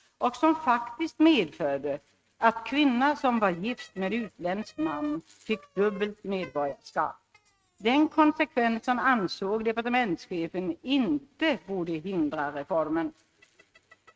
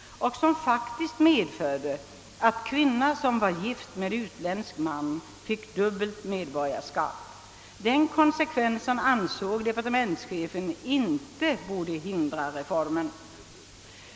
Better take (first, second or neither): second